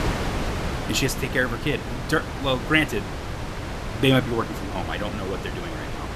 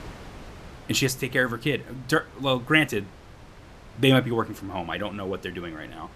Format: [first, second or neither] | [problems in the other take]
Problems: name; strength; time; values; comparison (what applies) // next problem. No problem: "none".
second | wind noise on the microphone; heavy; 7 dB below the speech; occasional gusts in the second